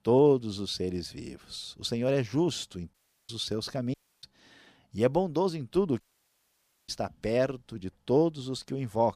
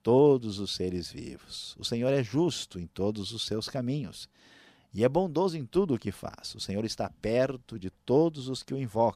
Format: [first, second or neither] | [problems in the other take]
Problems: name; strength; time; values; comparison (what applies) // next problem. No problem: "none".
second | audio cutting out; at 3 s, at 4 s and at 6 s for 1 s